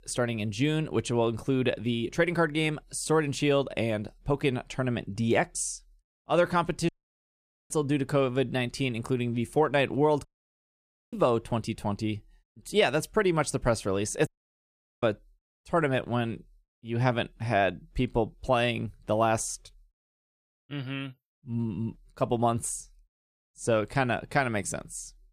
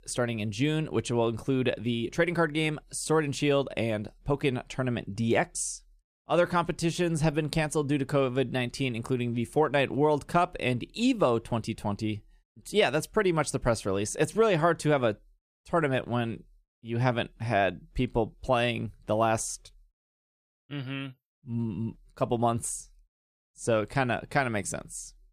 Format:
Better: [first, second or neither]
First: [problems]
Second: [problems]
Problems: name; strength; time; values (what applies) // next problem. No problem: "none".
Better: second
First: audio cutting out; at 7 s for 1 s, at 10 s for 1 s and at 14 s for 1 s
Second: none